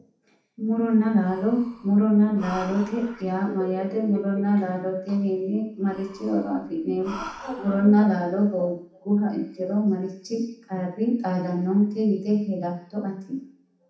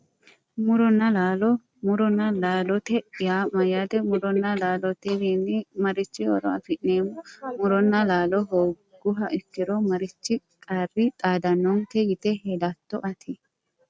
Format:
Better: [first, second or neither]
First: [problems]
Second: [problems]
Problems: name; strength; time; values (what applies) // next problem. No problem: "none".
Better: second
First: background sound (Breathing); 20 dB below the speech // room echo; dies away in 0.7 s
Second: none